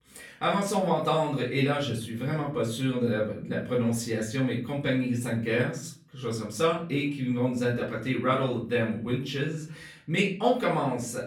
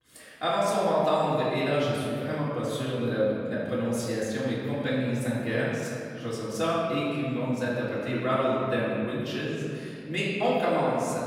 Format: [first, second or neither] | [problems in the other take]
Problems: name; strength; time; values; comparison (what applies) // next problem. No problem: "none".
first | room echo; strong; dies away in 2.3 s; slight in the first // off-mic speech; far; far in the first